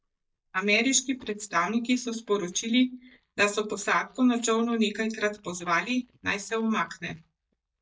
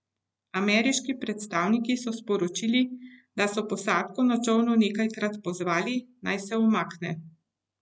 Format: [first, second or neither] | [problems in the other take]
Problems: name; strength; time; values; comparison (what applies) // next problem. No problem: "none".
second | noise reduction (neural mask model DeepFilterNet 3)